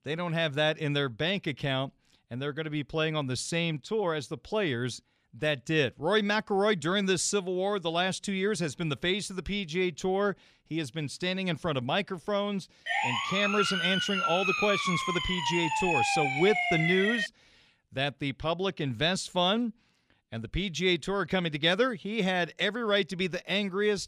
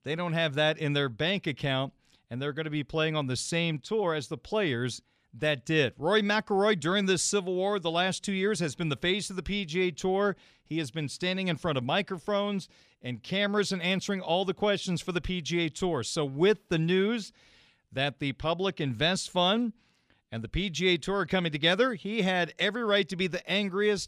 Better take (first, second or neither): second